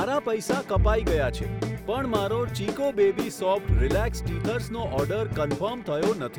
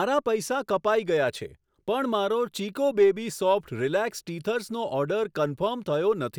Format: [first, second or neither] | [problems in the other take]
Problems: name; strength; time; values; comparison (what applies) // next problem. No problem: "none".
second | background sound (Guitar / Drum + Bowed string instrument); 1 dB below the speech